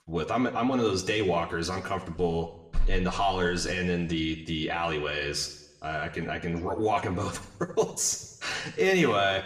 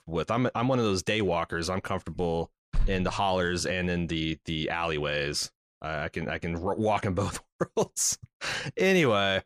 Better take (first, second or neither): second